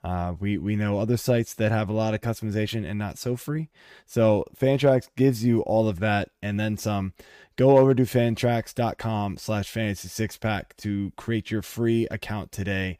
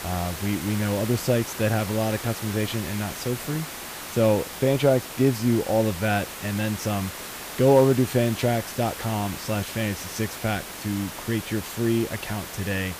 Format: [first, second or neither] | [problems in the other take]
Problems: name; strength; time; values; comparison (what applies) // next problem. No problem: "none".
first | hiss; loud; throughout; 9 dB below the speech